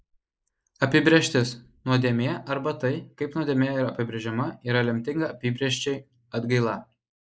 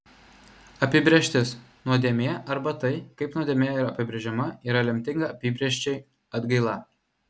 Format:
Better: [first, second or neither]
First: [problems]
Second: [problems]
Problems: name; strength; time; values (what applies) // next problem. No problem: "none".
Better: second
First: noise reduction (neural mask model Resemble Enhance denoiser)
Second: none